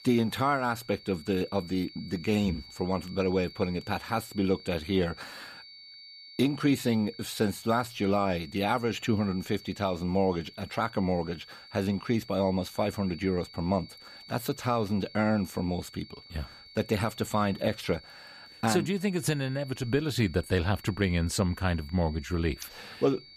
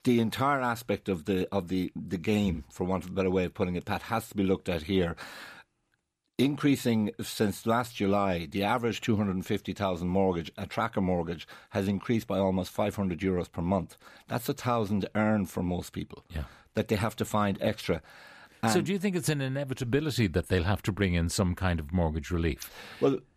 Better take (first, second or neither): second